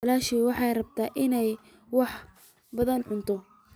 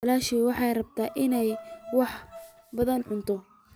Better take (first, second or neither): first